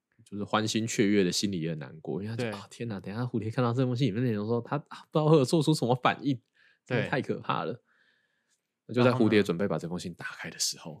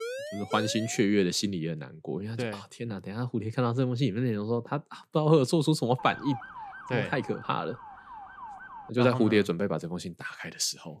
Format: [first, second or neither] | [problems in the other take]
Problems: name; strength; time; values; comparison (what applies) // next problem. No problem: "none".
first | siren; noticeable; until 1 s; peak 8 dB below the speech // siren; faint; from 6 to 9 s; peak 10 dB below the speech